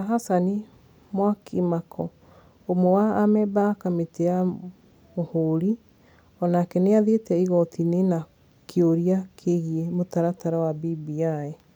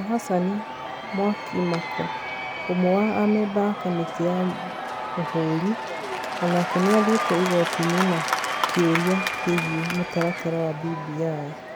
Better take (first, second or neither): first